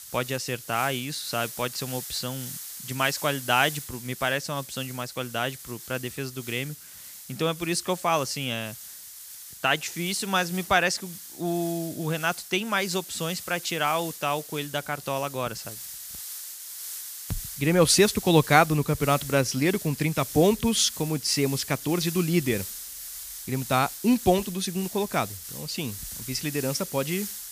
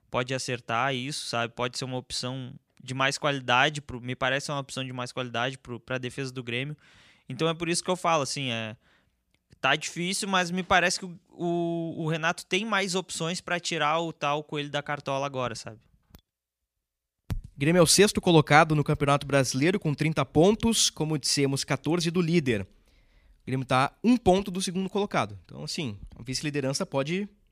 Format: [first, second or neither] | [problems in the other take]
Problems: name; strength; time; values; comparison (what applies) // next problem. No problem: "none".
second | hiss; noticeable; throughout; 10 dB below the speech